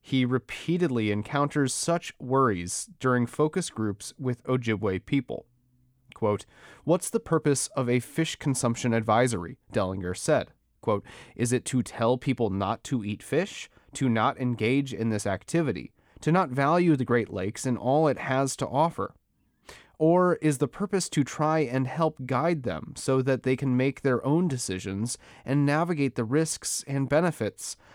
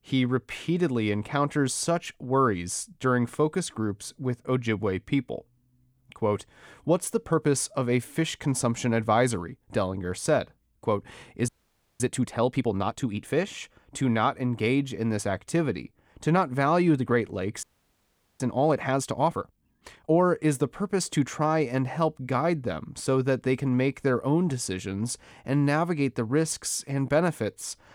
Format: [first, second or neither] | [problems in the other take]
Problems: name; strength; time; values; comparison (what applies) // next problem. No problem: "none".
first | audio freezing; at 11 s for 0.5 s and at 18 s for 1 s